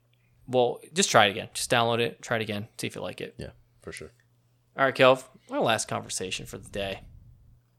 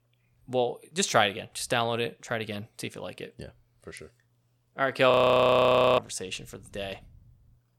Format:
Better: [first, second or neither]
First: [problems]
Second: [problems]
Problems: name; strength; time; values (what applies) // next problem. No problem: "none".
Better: first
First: none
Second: audio freezing; at 5 s for 1 s